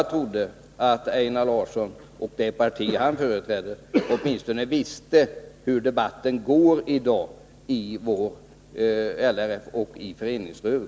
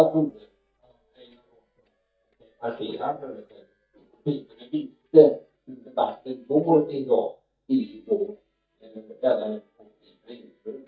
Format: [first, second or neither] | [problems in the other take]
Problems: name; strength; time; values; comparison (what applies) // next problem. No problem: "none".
first | noise reduction (neural mask model DeepFilterNet 3)